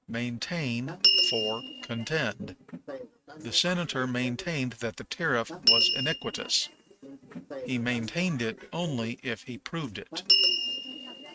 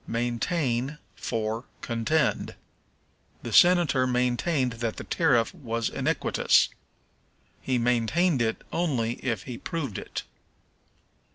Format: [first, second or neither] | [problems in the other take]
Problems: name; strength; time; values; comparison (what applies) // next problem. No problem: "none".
second | noise reduction (neural mask model RNNoise)